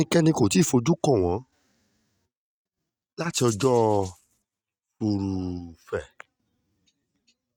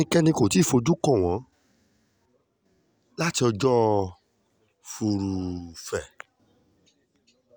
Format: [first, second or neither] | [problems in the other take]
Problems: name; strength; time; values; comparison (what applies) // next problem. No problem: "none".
second | noise reduction (neural mask model RNNoise)